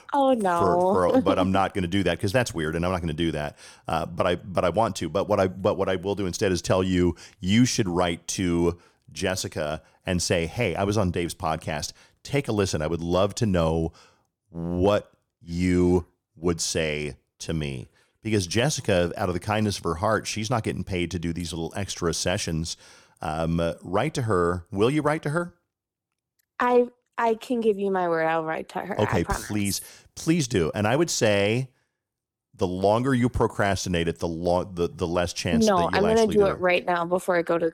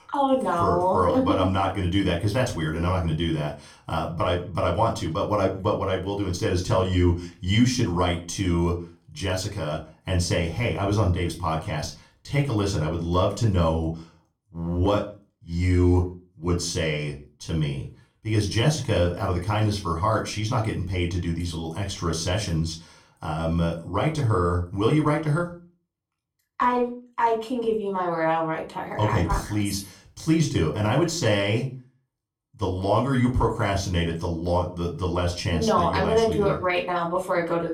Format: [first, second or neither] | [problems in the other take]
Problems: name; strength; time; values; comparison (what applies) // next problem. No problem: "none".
first | off-mic speech; somewhat distant // room echo; very slight; dies away in 0.3 s